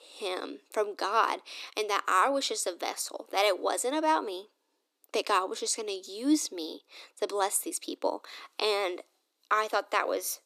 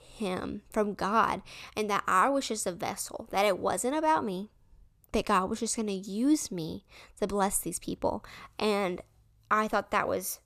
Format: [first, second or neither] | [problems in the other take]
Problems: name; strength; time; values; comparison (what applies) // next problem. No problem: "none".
second | thin; very slightly; fading below 300 Hz